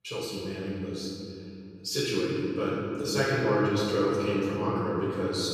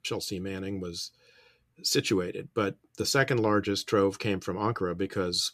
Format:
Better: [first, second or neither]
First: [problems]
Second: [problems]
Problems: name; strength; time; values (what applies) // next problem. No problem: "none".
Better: second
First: off-mic speech; far // room echo; strong; dies away in 2.8 s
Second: none